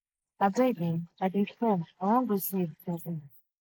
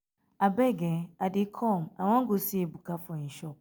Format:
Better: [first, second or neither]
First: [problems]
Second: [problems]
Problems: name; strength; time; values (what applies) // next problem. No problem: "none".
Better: second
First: noise reduction (neural mask model Resemble Enhance denoiser)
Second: none